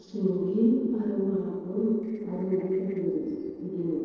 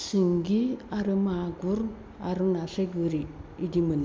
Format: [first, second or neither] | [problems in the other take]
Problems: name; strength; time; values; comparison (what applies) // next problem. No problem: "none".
second | noise reduction (neural separator model SepFormer DNS4)